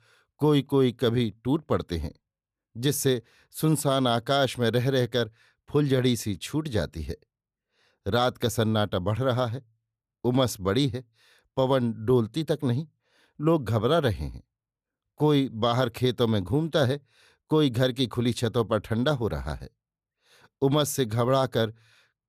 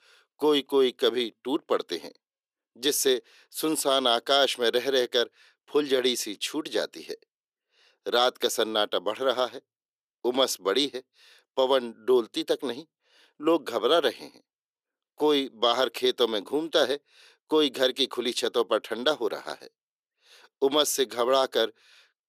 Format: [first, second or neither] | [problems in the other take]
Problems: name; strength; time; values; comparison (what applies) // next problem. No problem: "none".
first | thin; somewhat; fading below 350 Hz